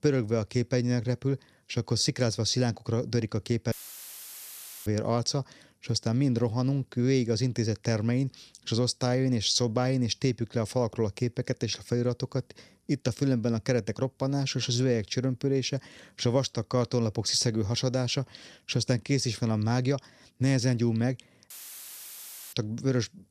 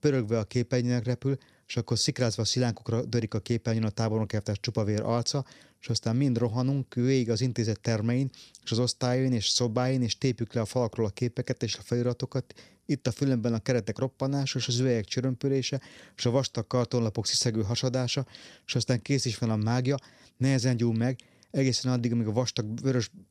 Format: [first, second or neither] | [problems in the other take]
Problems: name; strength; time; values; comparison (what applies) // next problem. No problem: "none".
second | audio cutting out; filled with static; at 3.5 s for 1 s and at 22 s for 1 s